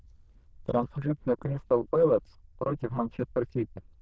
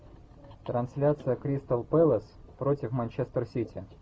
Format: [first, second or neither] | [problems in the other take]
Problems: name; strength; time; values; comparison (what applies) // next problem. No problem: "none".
second | noise reduction (neural diffusion model UNIVERSE++)